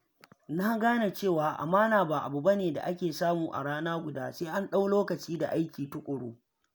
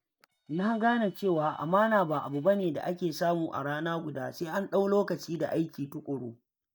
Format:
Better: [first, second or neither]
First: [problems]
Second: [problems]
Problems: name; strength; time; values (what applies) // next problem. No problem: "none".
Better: first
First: none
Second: noise reduction (neural mask model DeepFilterNet 3)